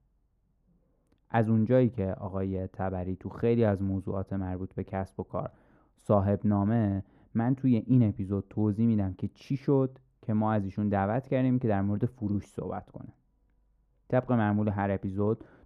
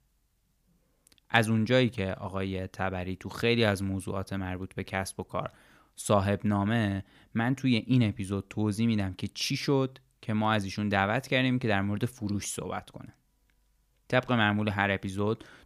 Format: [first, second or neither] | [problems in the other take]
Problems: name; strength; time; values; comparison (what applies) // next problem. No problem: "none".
second | muffled; very; fading above 1.5 kHz